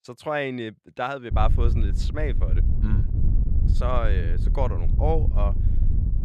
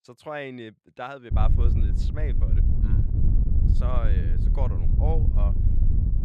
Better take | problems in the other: first | wind noise on the microphone; heavy; from 1.5 s on; 4 dB below the speech; occasional gusts in the first

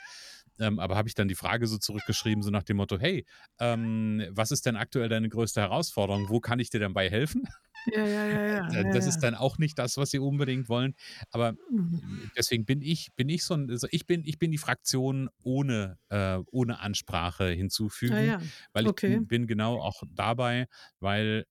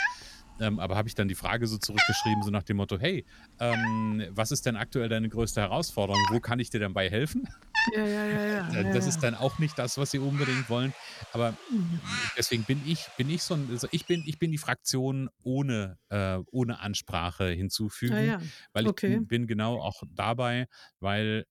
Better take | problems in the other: first | animal sounds; loud; until 14 s; 1 dB below the speech; faint in the first

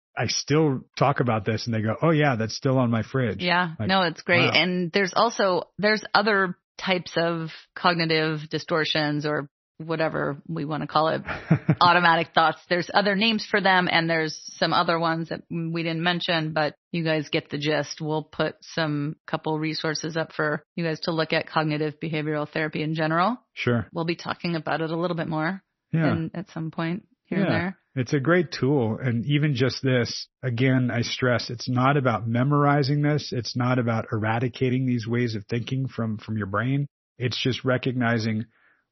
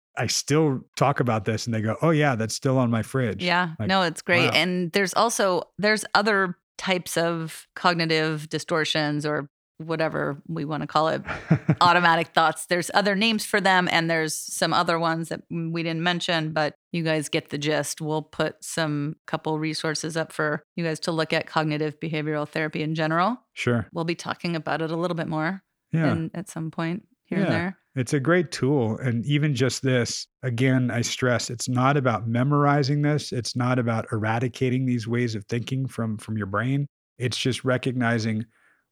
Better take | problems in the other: second | garbled, watery; slightly; nothing above 6 kHz

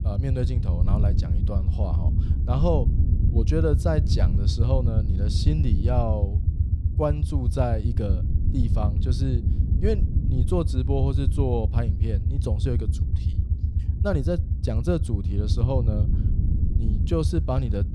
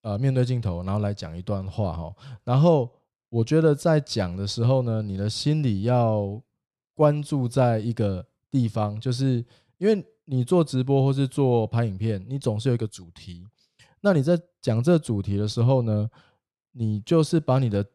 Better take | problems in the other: second | low rumble; loud; throughout; 8 dB below the speech

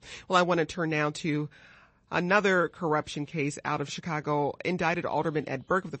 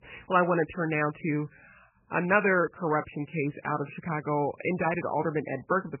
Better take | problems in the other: first | garbled, watery; badly; nothing above 2.5 kHz; slightly in the first

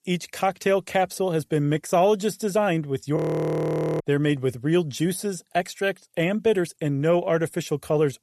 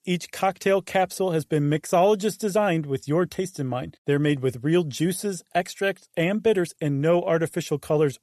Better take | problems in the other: second | audio freezing; at 3 s for 1 s

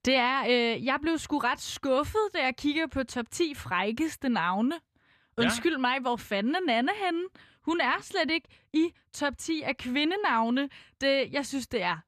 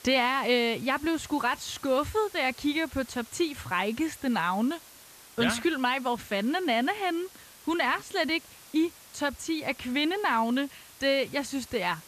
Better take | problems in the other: first | hiss; faint; throughout; 20 dB below the speech

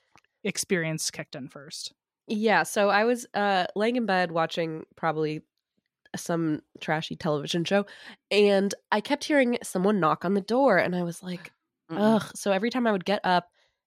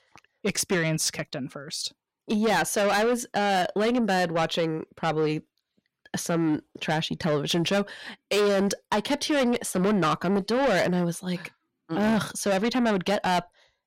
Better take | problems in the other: first | distortion; heavy; 7 dB below the speech

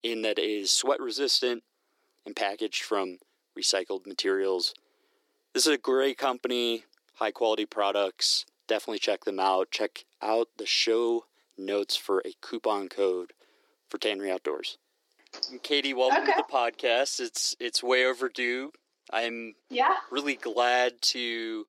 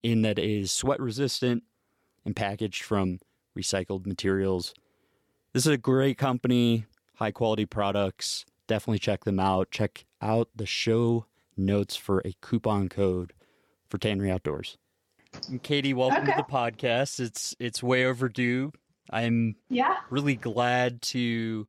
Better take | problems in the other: second | thin; somewhat; fading below 300 Hz

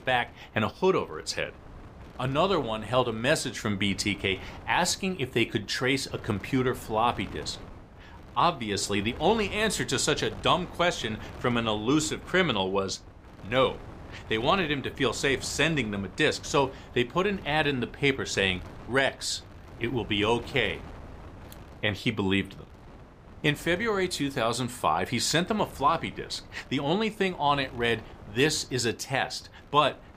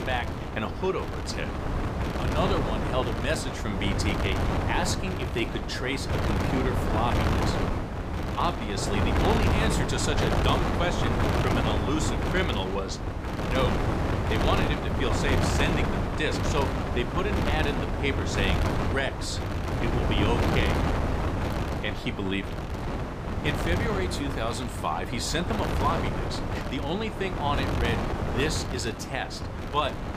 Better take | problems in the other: first | wind noise on the microphone; heavy; 1 dB below the speech; occasional gusts in the first

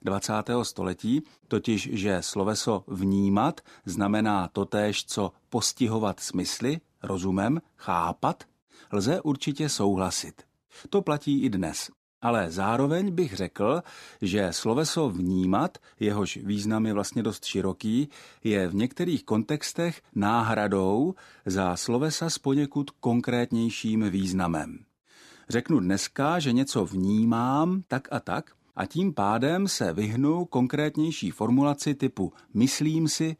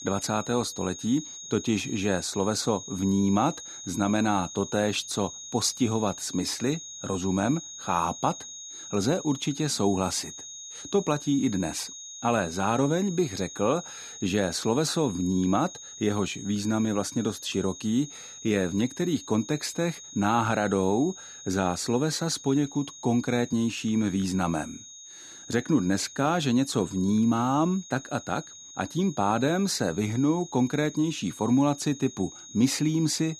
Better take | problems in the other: first | high-pitched whine; noticeable; throughout; 6.5 kHz, 15 dB below the speech

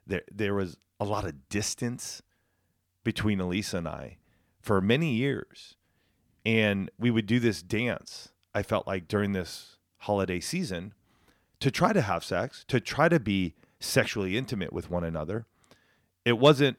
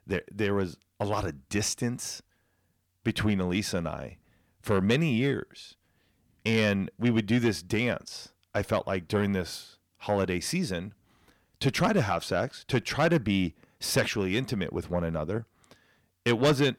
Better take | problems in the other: first | distortion; slight; 10 dB below the speech

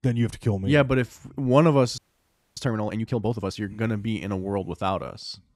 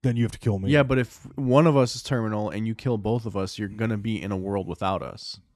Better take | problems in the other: second | audio freezing; at 2 s for 0.5 s

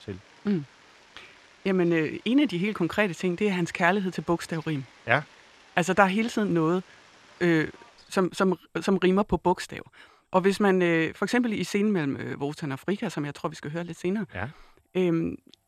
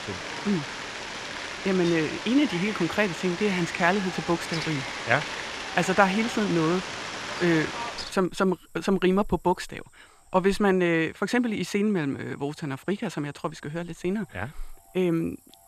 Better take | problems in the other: first | animal sounds; loud; throughout; 6 dB below the speech; faint in the first

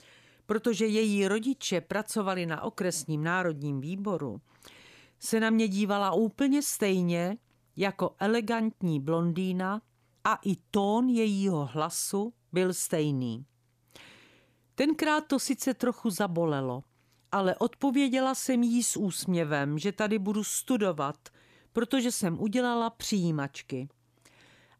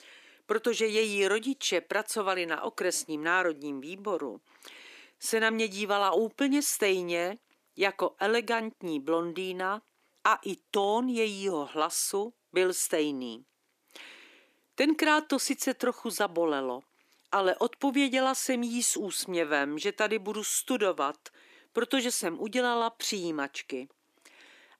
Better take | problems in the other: first | thin; somewhat; fading below 300 Hz

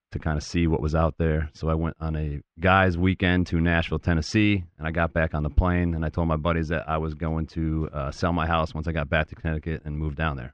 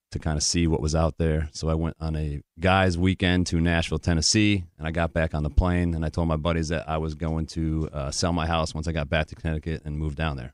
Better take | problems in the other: second | muffled; slightly; fading above 2.5 kHz

